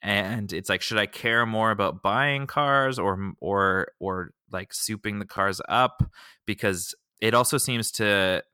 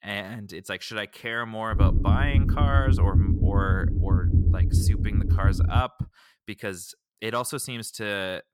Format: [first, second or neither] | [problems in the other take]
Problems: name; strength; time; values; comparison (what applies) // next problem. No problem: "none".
first | low rumble; loud; from 1.5 to 6 s; 6 dB below the speech